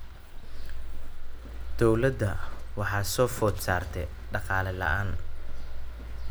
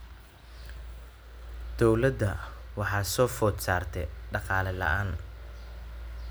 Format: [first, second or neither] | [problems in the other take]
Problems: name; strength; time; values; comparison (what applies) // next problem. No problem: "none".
second | background sound (Livestock, farm animals, working animals); 2 dB below the speech